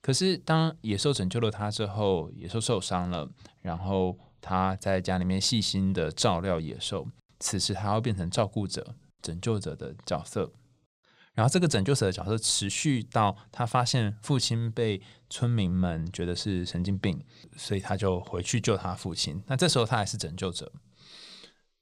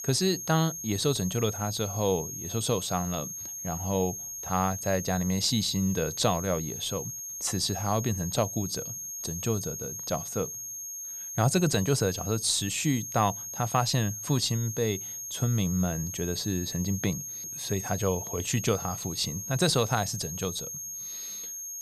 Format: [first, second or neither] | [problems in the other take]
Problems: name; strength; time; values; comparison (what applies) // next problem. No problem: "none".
first | high-pitched whine; loud; throughout; 6.5 kHz, 6 dB below the speech